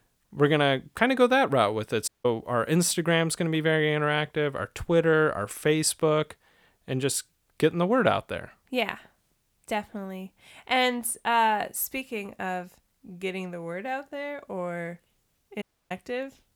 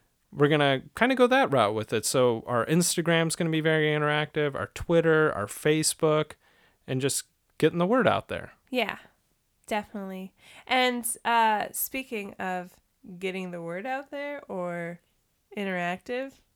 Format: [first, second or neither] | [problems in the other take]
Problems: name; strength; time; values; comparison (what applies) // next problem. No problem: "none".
second | audio cutting out; at 2 s and at 16 s